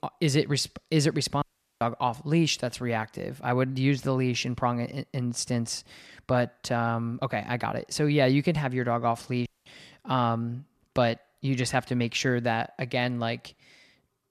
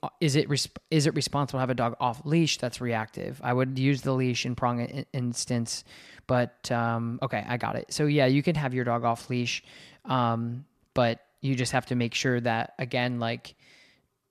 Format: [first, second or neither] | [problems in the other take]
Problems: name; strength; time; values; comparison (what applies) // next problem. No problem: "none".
second | audio cutting out; at 1.5 s and at 9.5 s